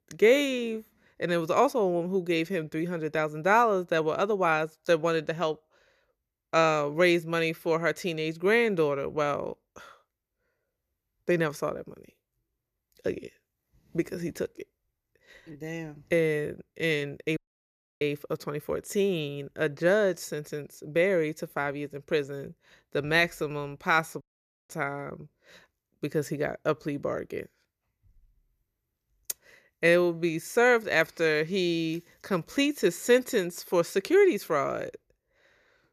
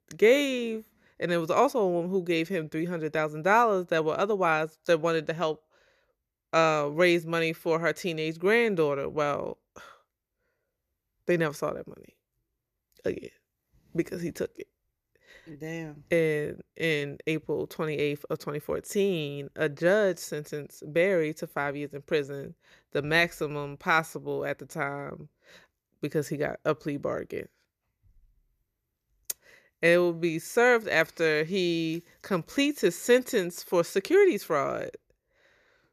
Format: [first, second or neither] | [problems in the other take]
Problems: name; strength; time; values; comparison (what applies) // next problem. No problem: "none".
second | audio cutting out; at 17 s for 0.5 s and at 24 s